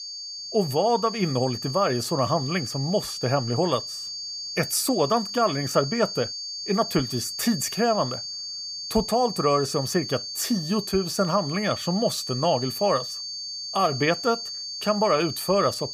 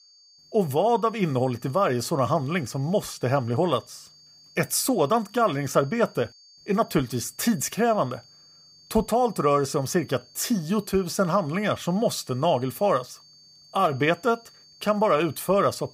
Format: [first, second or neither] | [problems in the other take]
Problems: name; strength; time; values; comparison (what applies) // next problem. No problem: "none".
second | high-pitched whine; loud; throughout; 4.5 kHz, 6 dB below the speech; faint in the second